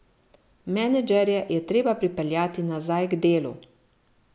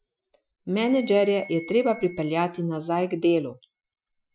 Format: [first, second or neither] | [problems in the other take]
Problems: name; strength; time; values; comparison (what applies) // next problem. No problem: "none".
first | noise reduction (classical method Wiener filter)